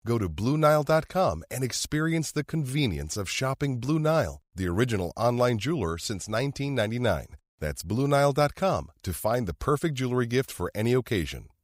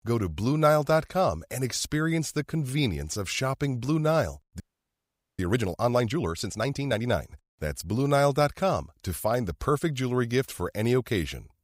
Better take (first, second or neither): first